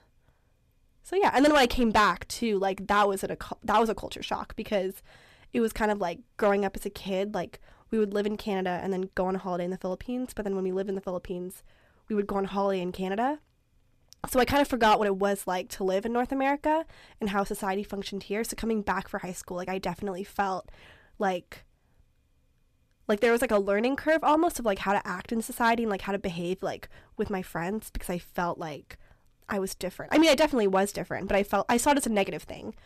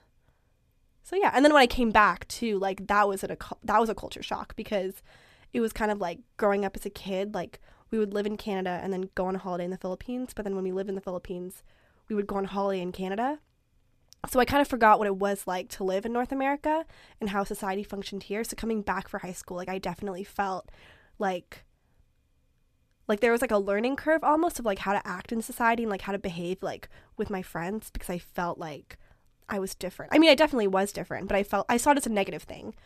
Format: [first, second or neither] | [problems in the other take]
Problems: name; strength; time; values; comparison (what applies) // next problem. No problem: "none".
second | distortion; slight; 1.5% of the sound clipped